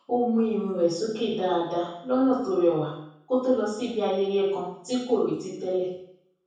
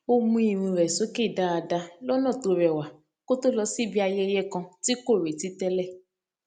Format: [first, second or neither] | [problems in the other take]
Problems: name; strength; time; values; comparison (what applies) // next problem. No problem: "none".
second | room echo; dies away in 0.7 s